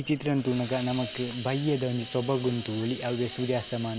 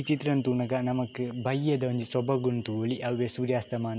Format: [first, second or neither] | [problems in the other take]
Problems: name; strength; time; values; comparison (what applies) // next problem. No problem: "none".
second | background sound (Hiss); 14 dB below the speech